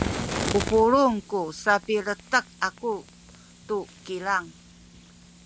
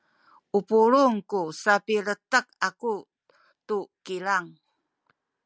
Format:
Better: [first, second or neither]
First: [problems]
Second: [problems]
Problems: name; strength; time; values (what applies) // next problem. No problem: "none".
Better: second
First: background sound (Fire); 9 dB below the speech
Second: none